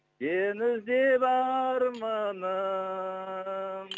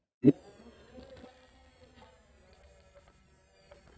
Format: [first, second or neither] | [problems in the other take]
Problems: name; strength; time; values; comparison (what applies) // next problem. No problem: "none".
first | noise reduction (neural mask model DeepFilterNet 3)